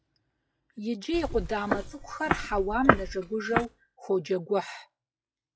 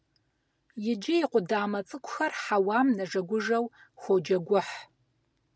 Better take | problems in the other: second | noise reduction (classical method log-MMSE)

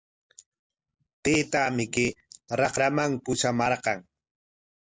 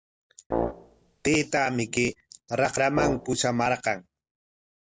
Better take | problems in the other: first | background sound (Brass instrument); 4 dB below the speech

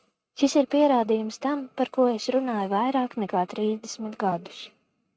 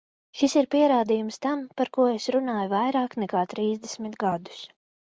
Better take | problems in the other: second | noise reduction (neural mask model RNNoise)

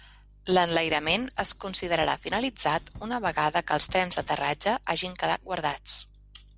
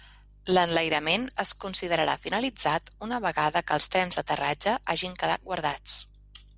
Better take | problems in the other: second | background sound (Drum / Drum kit); 20 dB below the speech

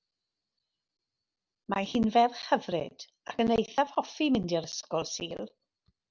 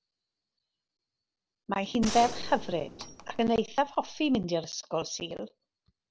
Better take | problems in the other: first | background sound (Gunshot, gunfire); 8 dB below the speech

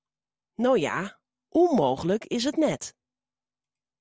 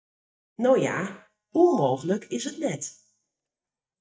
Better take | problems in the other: first | noise reduction (neural mask model DeepFilterNet 3)

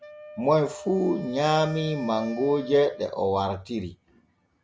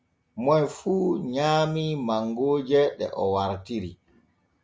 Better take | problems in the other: second | background sound (Wind instrument, woodwind instrument); 16 dB below the speech

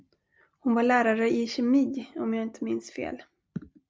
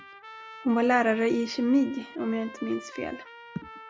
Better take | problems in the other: first | background sound (Trumpet); 18 dB below the speech

